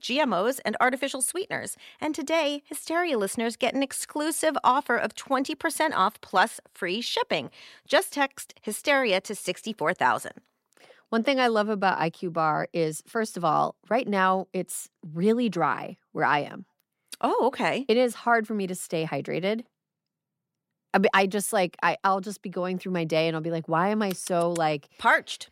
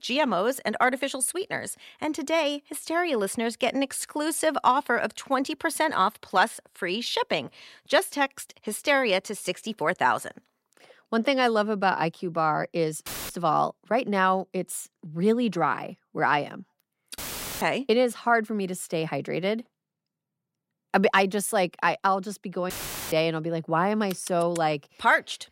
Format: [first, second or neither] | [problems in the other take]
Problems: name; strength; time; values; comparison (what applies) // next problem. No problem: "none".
first | audio cutting out; filled with static; at 13 s, at 17 s and at 23 s